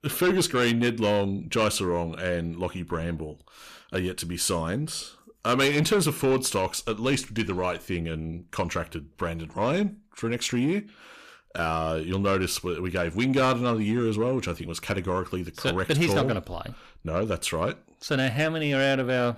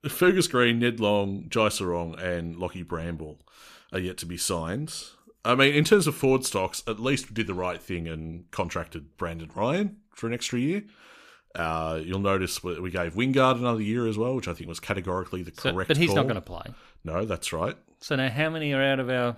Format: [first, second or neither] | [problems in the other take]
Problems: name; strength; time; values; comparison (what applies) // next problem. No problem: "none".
second | distortion; slight; 10 dB below the speech